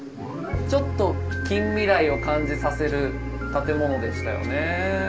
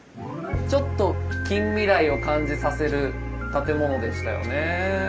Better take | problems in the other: second | background sound (Insect); 14 dB below the speech

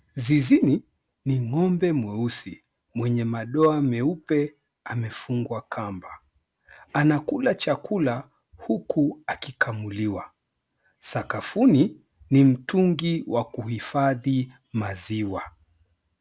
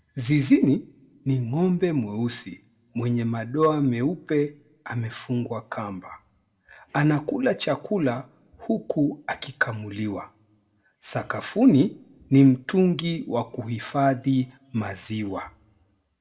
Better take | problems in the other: first | room echo; dies away in 0.3 s

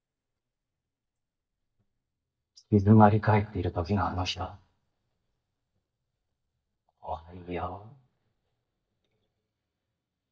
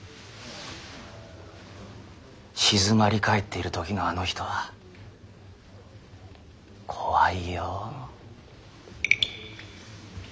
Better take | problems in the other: second | noise reduction (neural mask model DeepFilterNet 3)

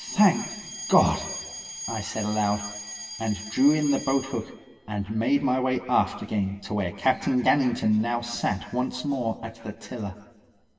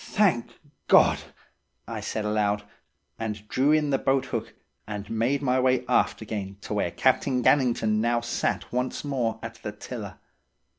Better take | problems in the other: second | background sound (Alarm); 15 dB below the speech // room echo; dies away in 1.4 s

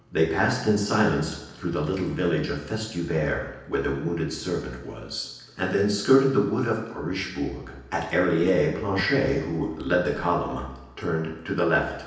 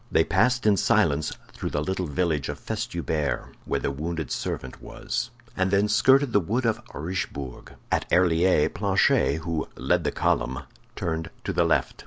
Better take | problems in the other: second | background sound (Raindrop / Drip); 20 dB below the speech // room echo; dies away in 0.9 s

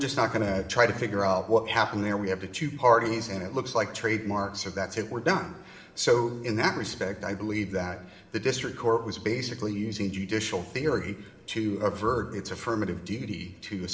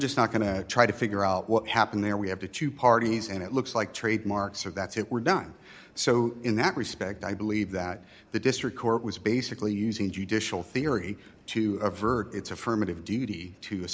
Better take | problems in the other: second | room echo; dies away in 1 s

